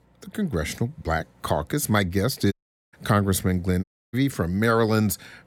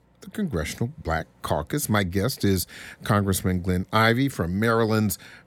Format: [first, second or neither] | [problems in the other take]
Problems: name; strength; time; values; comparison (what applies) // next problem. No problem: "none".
second | audio cutting out; at 2.5 s and at 4 s